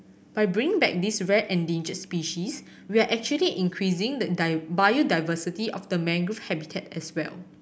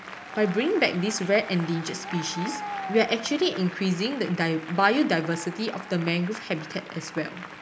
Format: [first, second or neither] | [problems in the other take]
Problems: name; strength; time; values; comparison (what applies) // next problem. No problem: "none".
first | background sound (Applause); 12 dB below the speech